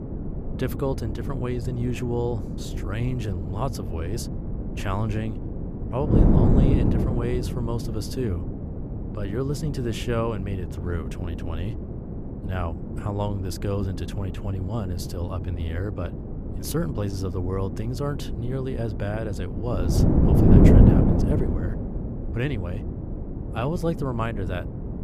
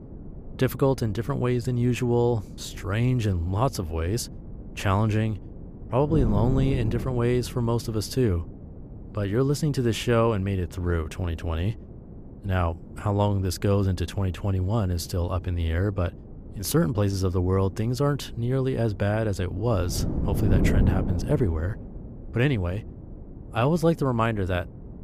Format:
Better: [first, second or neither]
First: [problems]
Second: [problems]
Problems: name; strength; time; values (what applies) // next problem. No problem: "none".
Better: second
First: wind noise on the microphone; heavy; 1 dB below the speech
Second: wind noise on the microphone; occasional gusts; 15 dB below the speech